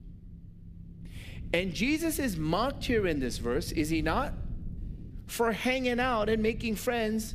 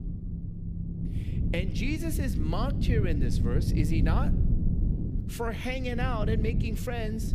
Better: first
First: low rumble; faint; throughout; 25 dB below the speech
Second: low rumble; loud; throughout; 6 dB below the speech

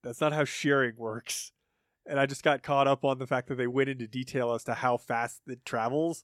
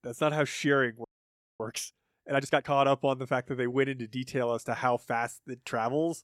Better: first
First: none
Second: audio freezing; at 1 s for 0.5 s

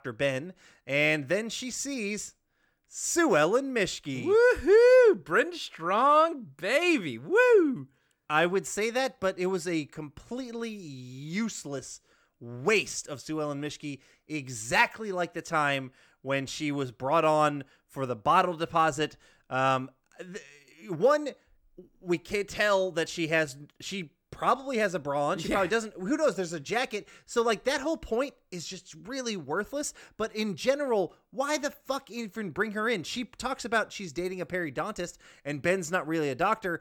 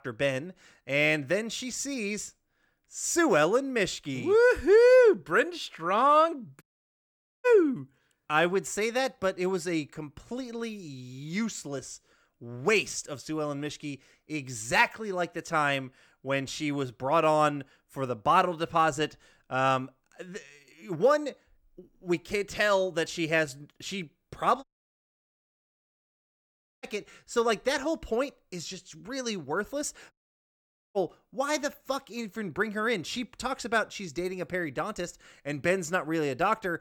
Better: first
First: none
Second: audio cutting out; at 6.5 s for 1 s, at 25 s for 2 s and at 30 s for 1 s

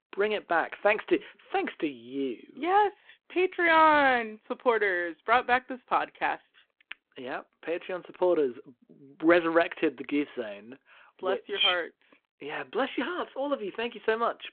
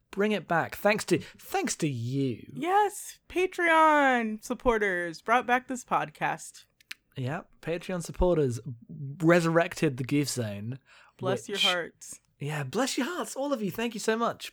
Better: second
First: phone-call audio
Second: none

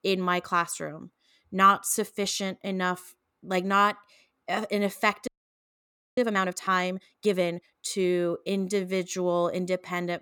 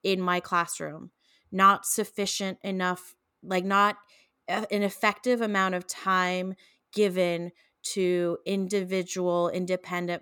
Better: second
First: audio freezing; at 5.5 s for 1 s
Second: none

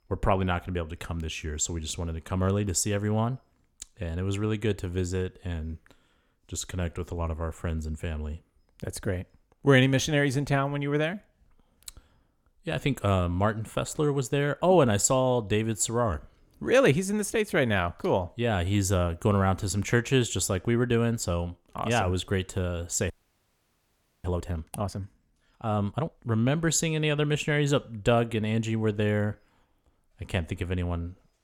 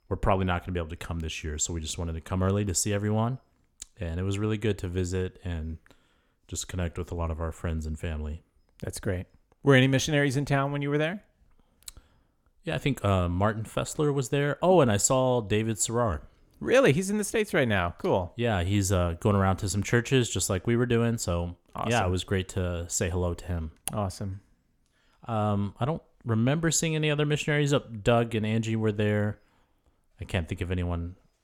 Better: second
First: audio freezing; at 23 s for 1 s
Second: none

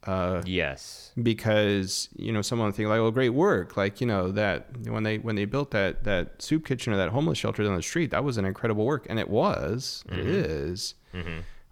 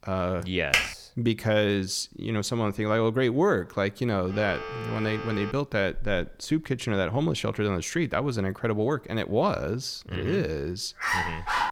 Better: first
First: none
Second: keyboard typing; loud; at 0.5 s; peak 3 dB above the speech // phone ringing; noticeable; from 4.5 to 5.5 s; peak 8 dB below the speech // dog barking; loud; at 11 s; peak 1 dB above the speech

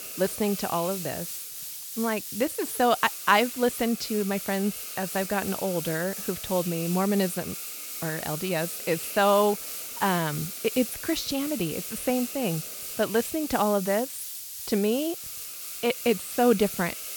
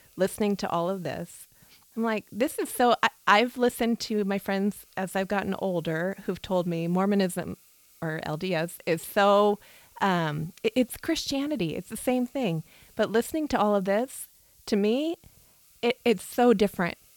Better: second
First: hiss; loud; throughout; 7 dB below the speech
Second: hiss; faint; throughout; 30 dB below the speech

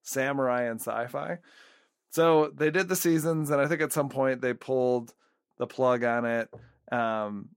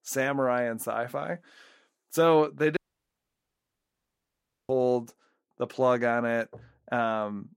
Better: first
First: none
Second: audio cutting out; at 3 s for 2 s

